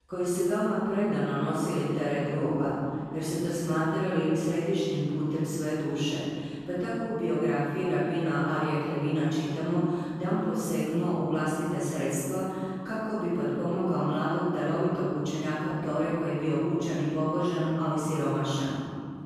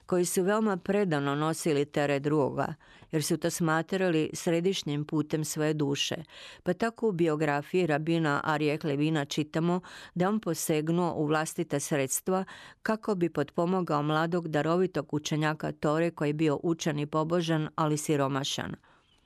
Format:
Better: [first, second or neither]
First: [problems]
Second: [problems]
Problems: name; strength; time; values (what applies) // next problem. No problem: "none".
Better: second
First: off-mic speech; far // room echo; strong; dies away in 3 s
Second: none